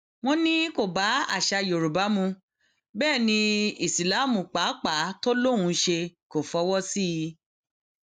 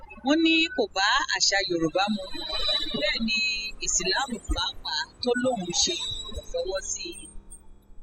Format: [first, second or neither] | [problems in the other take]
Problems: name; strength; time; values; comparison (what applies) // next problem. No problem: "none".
first | noise reduction (classical method spectral subtraction)